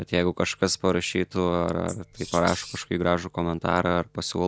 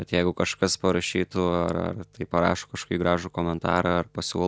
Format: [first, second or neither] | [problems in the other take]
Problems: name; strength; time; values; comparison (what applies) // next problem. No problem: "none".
second | background sound (Wild animals); 15 dB below the speech